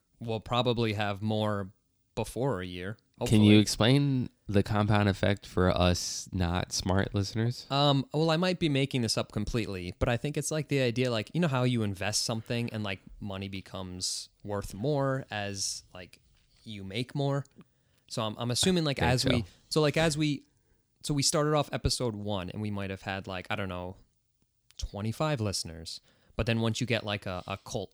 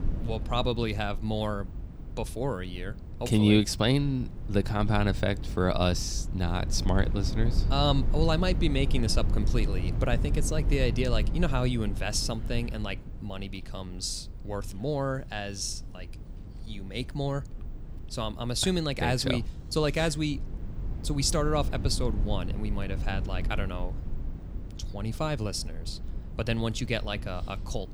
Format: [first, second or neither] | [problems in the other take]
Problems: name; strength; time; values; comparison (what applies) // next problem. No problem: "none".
first | low rumble; noticeable; throughout; 15 dB below the speech